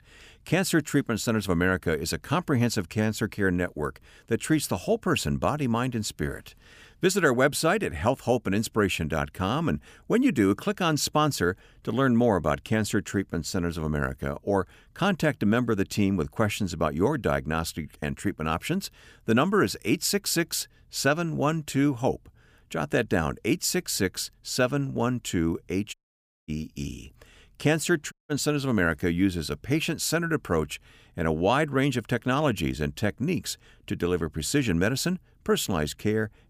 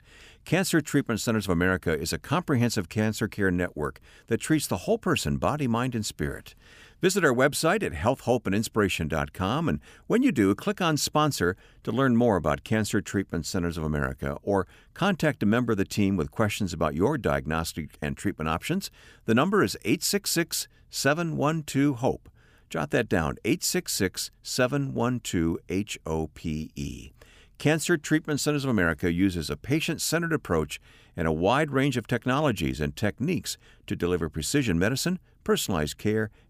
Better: second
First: audio cutting out; at 26 s for 0.5 s and at 28 s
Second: none

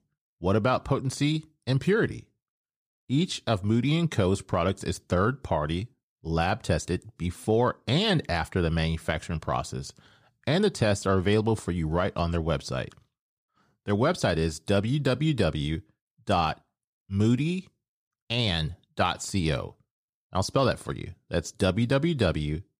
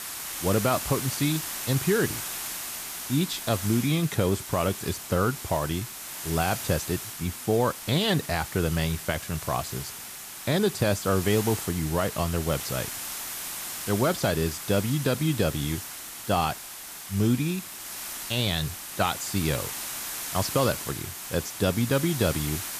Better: first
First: none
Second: hiss; loud; throughout; 6 dB below the speech

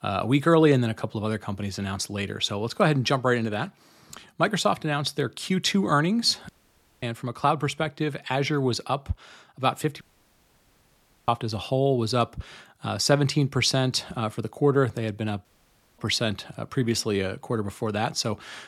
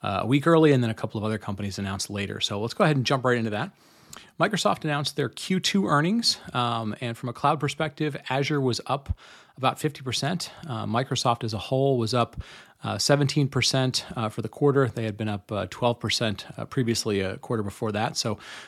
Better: second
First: audio cutting out; at 6.5 s for 0.5 s, at 10 s for 1.5 s and at 15 s for 0.5 s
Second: none

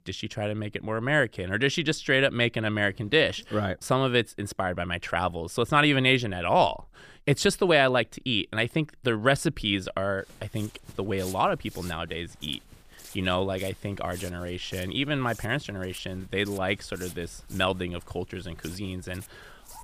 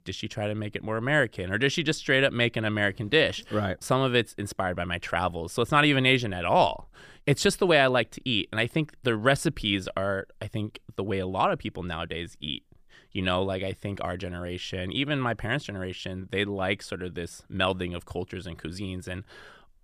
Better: second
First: footsteps; faint; from 10 s on; peak 15 dB below the speech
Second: none

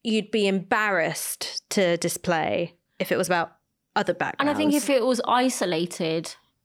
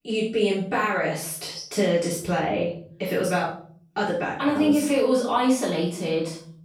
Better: first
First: none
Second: off-mic speech; far // room echo; noticeable; dies away in 0.5 s

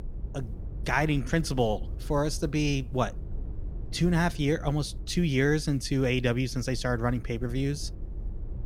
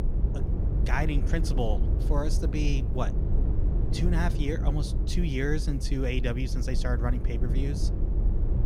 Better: first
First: low rumble; faint; throughout; 25 dB below the speech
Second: low rumble; loud; throughout; 7 dB below the speech

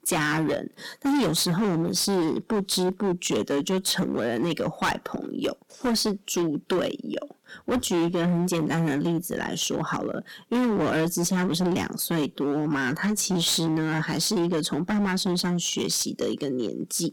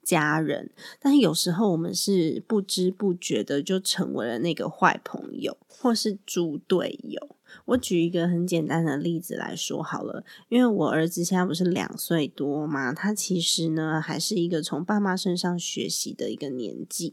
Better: second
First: distortion; heavy; 18% of the sound clipped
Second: none

